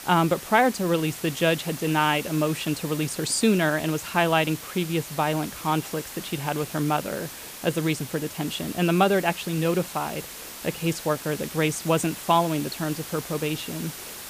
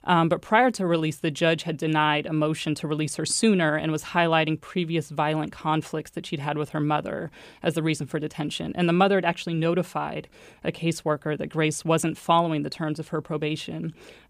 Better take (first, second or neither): second